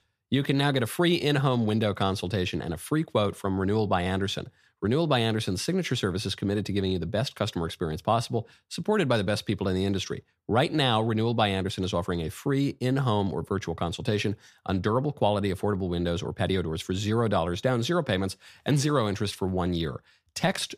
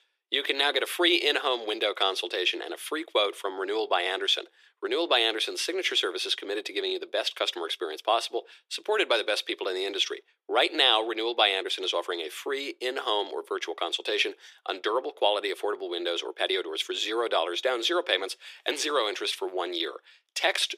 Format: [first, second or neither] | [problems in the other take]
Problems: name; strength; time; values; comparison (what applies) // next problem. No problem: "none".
first | thin; very; fading below 350 Hz